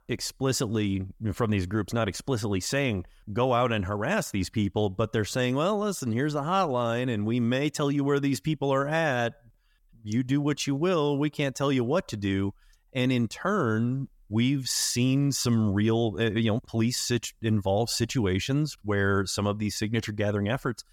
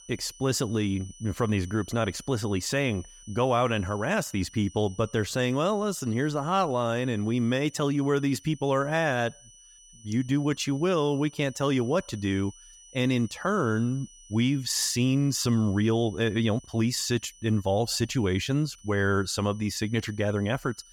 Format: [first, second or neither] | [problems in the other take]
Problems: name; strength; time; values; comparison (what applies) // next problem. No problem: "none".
first | high-pitched whine; faint; throughout; 6 kHz, 25 dB below the speech